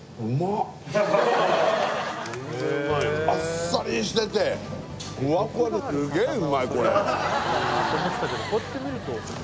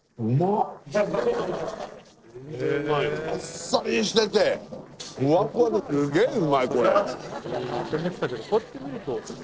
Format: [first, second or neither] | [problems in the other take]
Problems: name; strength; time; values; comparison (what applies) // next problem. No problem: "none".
first | noise reduction (neural separator model SepFormer DNS4)